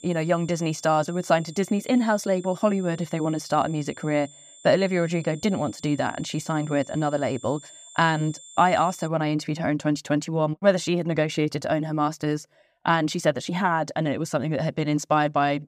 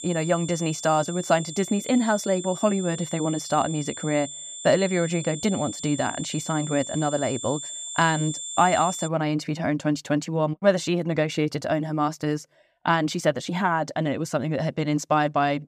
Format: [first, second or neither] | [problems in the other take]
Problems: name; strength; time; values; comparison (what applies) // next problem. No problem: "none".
first | high-pitched whine; loud; until 9 s; 7.5 kHz, 9 dB below the speech; faint in the first